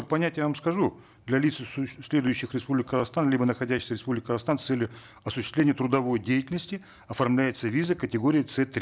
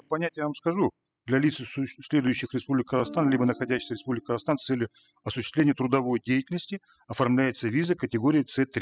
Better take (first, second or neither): first